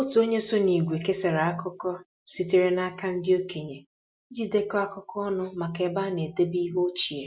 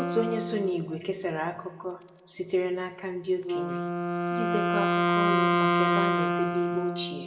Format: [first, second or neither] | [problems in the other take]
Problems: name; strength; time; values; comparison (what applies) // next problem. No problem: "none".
first | background sound (Wind instrument, woodwind instrument); 4 dB above the speech // room echo; dies away in 1.6 s